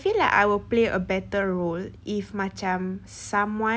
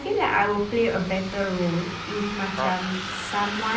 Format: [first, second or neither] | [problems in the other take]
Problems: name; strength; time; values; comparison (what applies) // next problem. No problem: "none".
first | background sound (Bus); 8 dB below the speech // room echo; dies away in 0.6 s